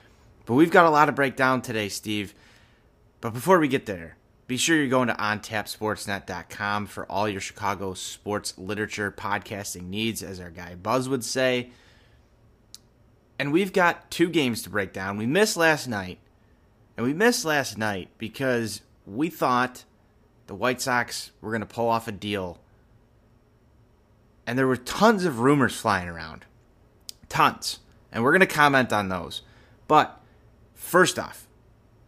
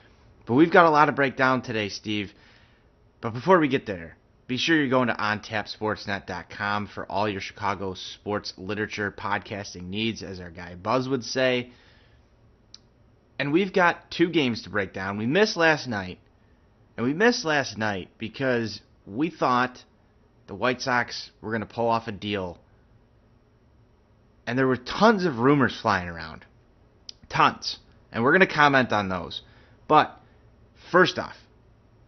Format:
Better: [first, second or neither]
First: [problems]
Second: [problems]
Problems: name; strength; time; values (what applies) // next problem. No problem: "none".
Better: first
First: none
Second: garbled, watery; slightly; nothing above 6 kHz